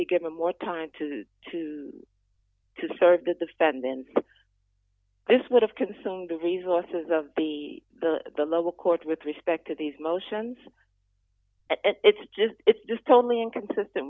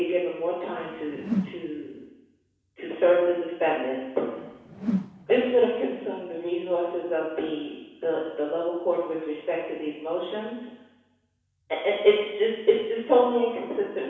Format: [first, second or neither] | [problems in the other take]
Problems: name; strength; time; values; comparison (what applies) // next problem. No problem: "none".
first | background sound (Whoosh, swoosh, swish); 6 dB below the speech // room echo; dies away in 1.1 s